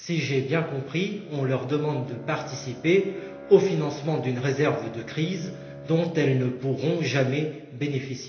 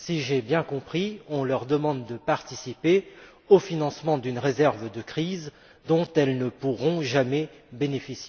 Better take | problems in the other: second | background sound (Bowed string instrument); 18 dB below the speech // room echo; dies away in 1 s

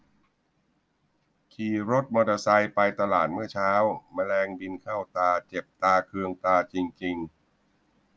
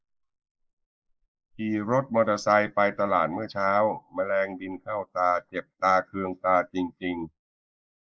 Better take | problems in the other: first | noise reduction (neural mask model Resemble Enhance denoiser)

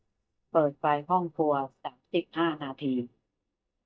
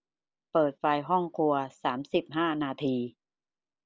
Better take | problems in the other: second | noise reduction (neural mask model DeepFilterNet 3)

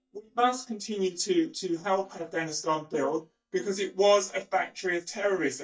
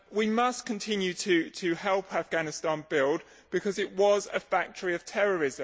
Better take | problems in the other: second | noise reduction (neural mask model DeepFilterNet 3)

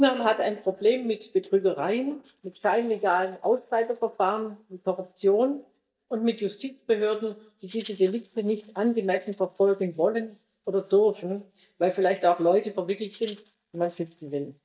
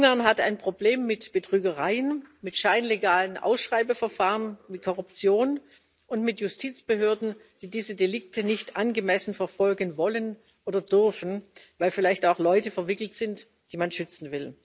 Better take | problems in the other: second | noise reduction (neural mask model DeepFilterNet 3)

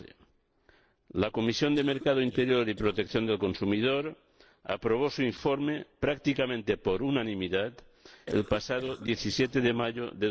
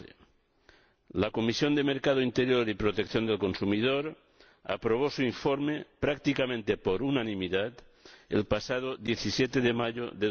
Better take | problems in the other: second | noise reduction (neural separator model SepFormer DNS4)

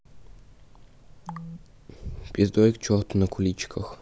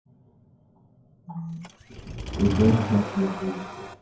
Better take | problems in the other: first | noise reduction (classical method WPE with log-MMSE)

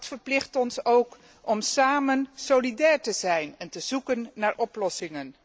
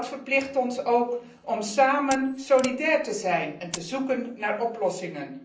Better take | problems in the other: first | background sound (Mechanisms); 16 dB below the speech // room echo; dies away in 0.6 s

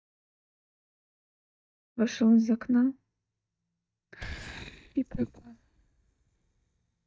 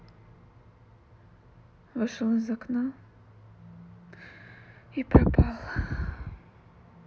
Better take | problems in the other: second | noise reduction (neural mask model DeepFilterNet 3)

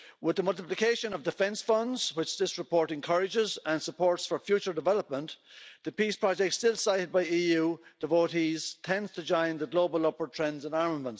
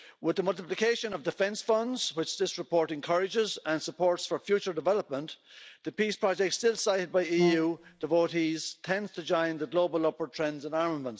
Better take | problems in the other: first | background sound (Brass instrument); 5 dB below the speech

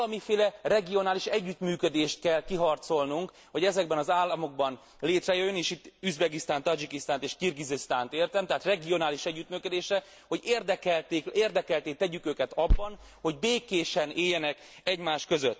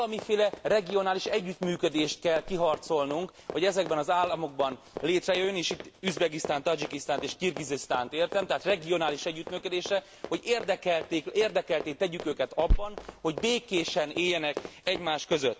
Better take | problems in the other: first | background sound (Run); 14 dB below the speech

